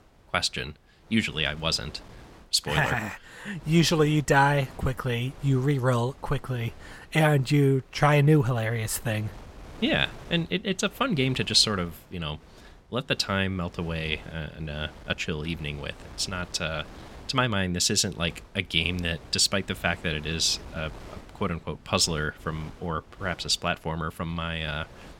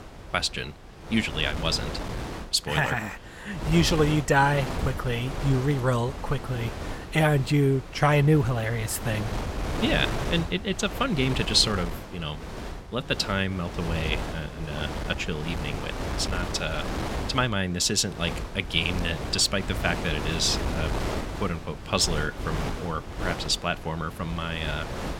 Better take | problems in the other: first | wind noise on the microphone; heavy; 9 dB below the speech; occasional gusts in the first

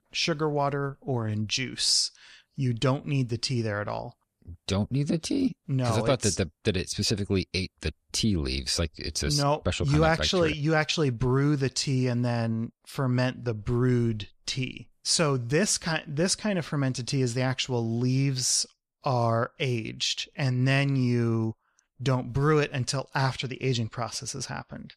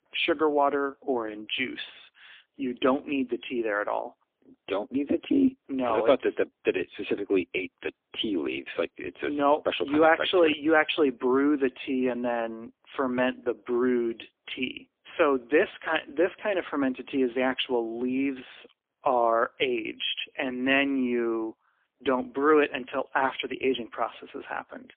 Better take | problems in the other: first | phone-call audio; poor line; nothing above 3.5 kHz

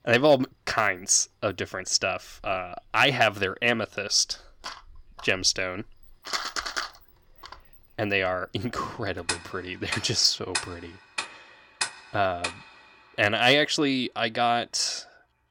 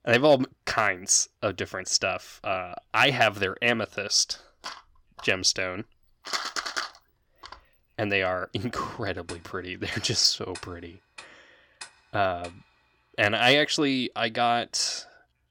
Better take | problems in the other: second | household noises; loud; throughout; 9 dB below the speech; faint in the second

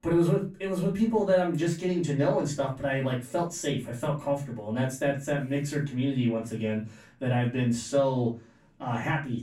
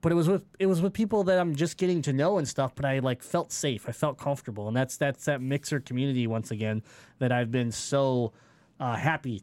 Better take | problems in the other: second | off-mic speech; far // room echo; slight; dies away in 0.3 s

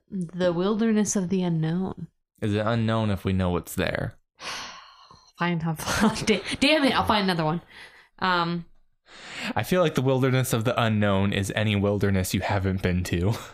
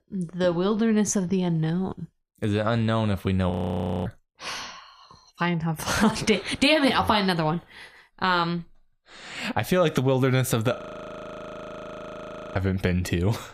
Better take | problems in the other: first | audio freezing; at 3.5 s for 0.5 s and at 11 s for 2 s

